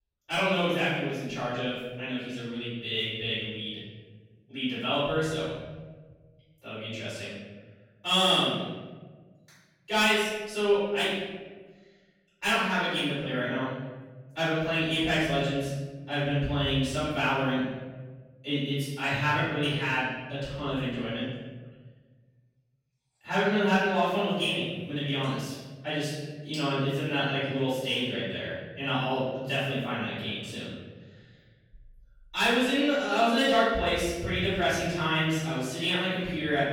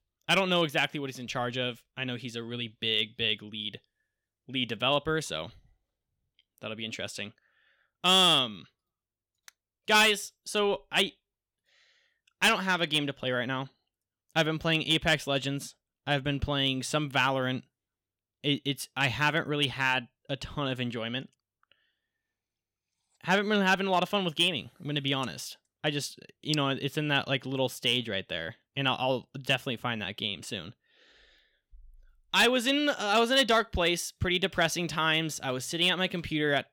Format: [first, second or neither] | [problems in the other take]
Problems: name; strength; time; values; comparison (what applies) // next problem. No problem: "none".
second | off-mic speech; far // room echo; strong; dies away in 1.5 s